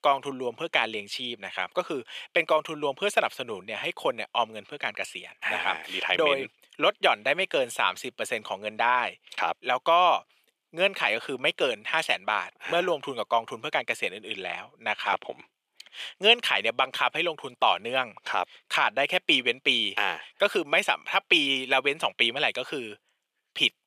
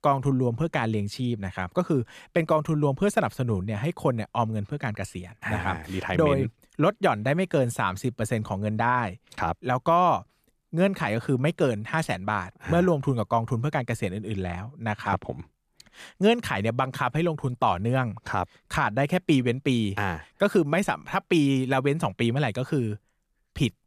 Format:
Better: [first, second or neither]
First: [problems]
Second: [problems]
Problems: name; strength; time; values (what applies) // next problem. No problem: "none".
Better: second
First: thin; very; fading below 550 Hz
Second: none